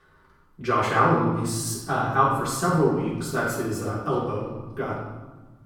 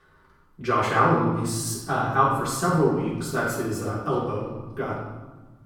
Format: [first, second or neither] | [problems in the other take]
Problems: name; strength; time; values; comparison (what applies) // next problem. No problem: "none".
neither | room echo; noticeable; dies away in 1.1 s; the same in both // off-mic speech; far; the same in both